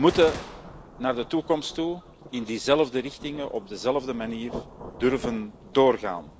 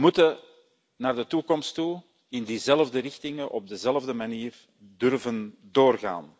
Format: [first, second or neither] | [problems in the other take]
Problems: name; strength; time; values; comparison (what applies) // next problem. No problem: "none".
second | background sound (Gunshot, gunfire + Rain / Thunderstorm); 15 dB below the speech